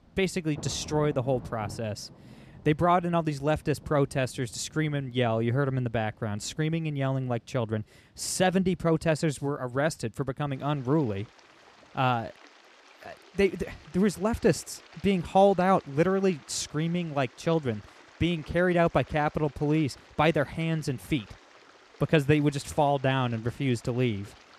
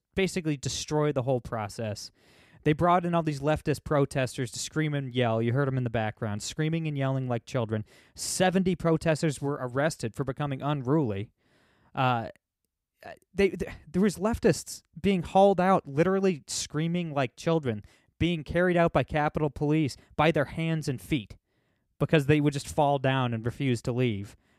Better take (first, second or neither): second